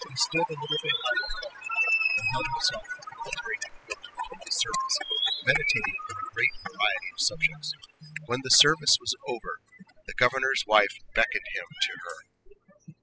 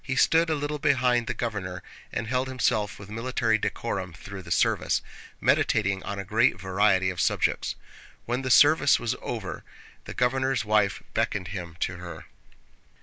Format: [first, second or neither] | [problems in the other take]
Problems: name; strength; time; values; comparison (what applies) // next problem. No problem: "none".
second | noise reduction (classical method spectral subtraction)